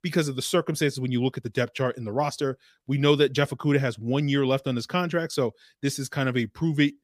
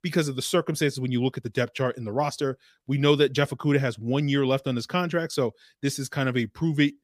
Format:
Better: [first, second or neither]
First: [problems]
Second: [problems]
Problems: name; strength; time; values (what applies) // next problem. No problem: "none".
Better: neither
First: none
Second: none